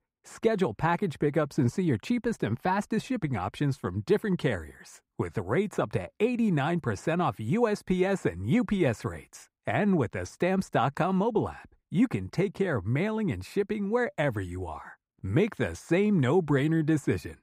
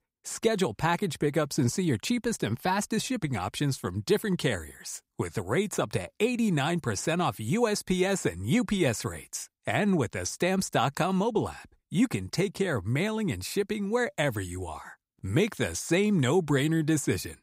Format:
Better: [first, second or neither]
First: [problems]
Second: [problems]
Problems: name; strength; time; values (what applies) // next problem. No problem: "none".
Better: second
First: muffled; slightly; fading above 3 kHz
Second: none